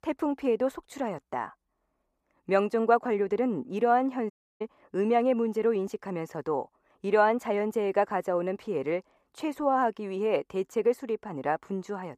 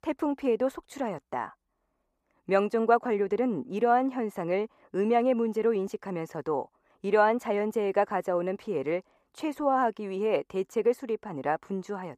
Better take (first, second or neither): second